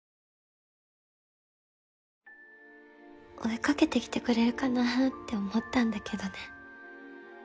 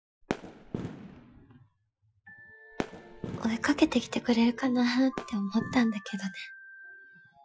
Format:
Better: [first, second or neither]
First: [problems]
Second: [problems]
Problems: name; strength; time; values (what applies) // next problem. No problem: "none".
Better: first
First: none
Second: noise reduction (classical method Wiener filter)